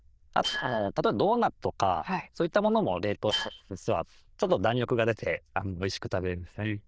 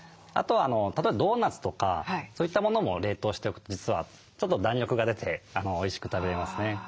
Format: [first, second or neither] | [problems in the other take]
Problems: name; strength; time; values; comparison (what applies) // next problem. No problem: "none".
second | noise reduction (neural diffusion model UNIVERSE++)